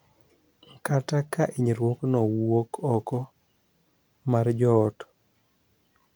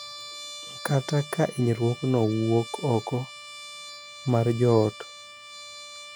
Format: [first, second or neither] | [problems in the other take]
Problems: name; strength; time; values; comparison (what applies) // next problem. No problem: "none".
first | background sound (Trumpet); 15 dB below the speech